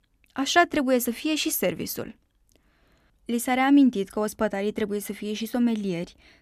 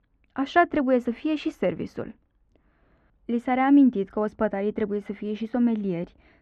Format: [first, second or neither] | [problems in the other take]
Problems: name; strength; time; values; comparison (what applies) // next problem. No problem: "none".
first | muffled; very; fading above 1.5 kHz